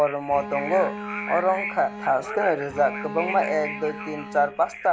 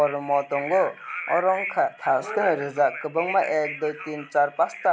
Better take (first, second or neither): second